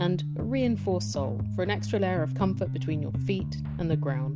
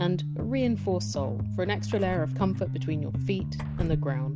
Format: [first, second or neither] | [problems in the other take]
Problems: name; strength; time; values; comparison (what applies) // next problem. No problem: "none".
first | background sound (Door / Car); 14 dB below the speech